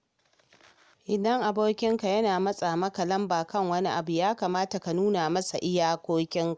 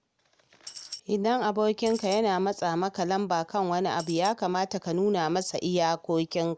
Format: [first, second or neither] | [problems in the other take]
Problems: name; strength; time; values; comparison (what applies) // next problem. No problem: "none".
first | background sound (Tambourine); 13 dB below the speech